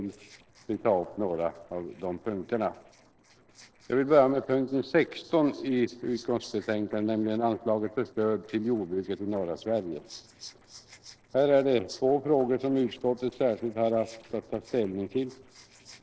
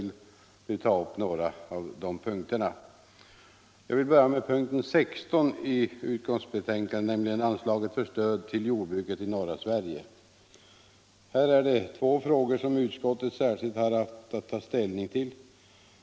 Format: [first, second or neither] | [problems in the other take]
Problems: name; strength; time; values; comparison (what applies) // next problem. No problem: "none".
second | noise reduction (neural separator model SepFormer DNS4)